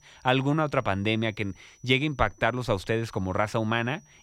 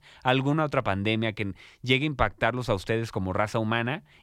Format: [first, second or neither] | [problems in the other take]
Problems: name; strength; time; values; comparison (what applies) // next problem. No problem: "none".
second | high-pitched whine; faint; throughout; 6 kHz, 30 dB below the speech